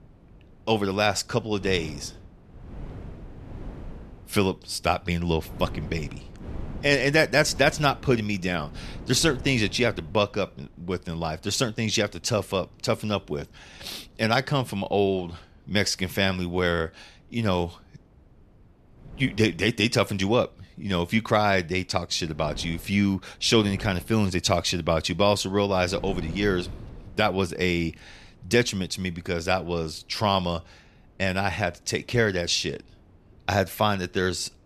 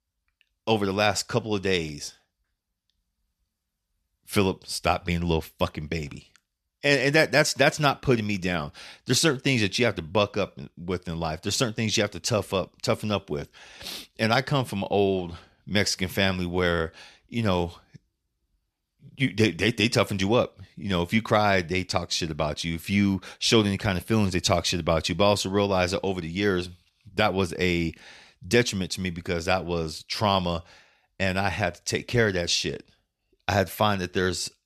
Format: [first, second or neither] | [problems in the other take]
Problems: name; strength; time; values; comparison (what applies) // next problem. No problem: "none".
second | wind noise on the microphone; occasional gusts; 25 dB below the speech